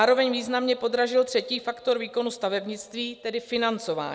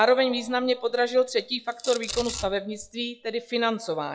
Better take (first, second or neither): first